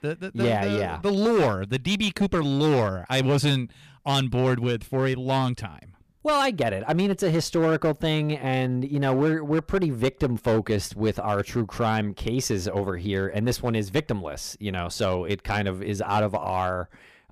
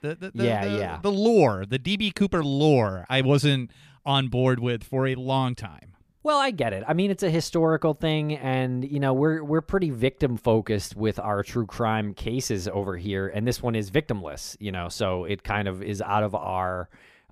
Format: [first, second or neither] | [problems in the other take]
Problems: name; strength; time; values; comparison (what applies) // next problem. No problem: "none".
second | distortion; slight; 7% of the sound clipped